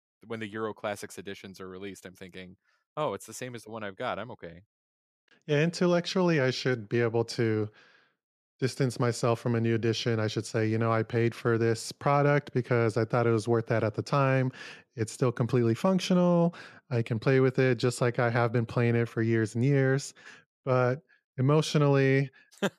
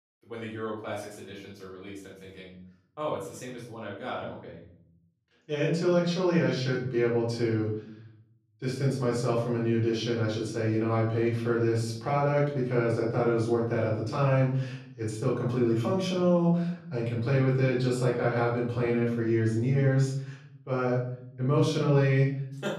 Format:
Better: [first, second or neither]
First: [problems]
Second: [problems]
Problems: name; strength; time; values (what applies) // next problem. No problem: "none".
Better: first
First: none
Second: off-mic speech; far // room echo; noticeable; dies away in 0.7 s